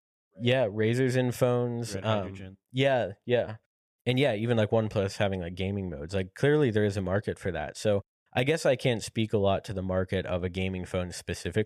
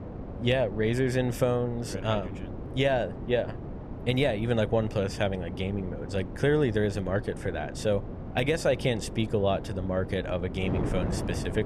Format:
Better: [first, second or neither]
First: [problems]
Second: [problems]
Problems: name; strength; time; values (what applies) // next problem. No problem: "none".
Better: first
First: none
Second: wind noise on the microphone; occasional gusts; 15 dB below the speech